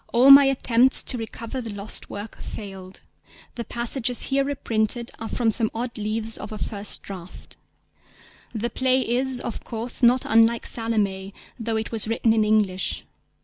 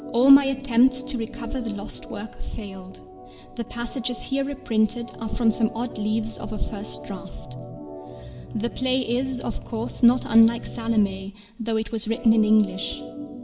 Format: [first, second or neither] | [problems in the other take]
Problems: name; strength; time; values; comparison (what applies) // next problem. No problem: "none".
first | background sound (Organ); 14 dB below the speech // room echo; dies away in 1.2 s